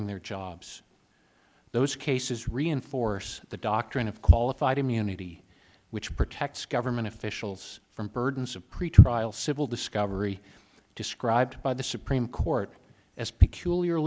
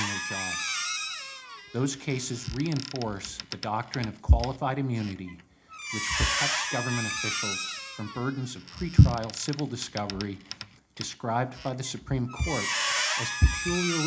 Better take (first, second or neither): first